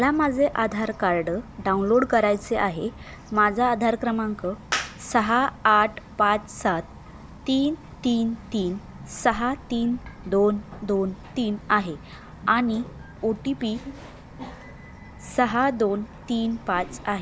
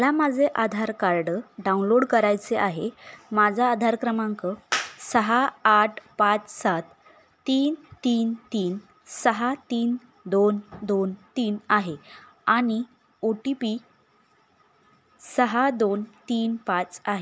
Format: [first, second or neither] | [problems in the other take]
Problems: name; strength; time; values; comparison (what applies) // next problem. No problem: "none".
second | background sound (Bird vocalization, bird call, bird song); 17 dB below the speech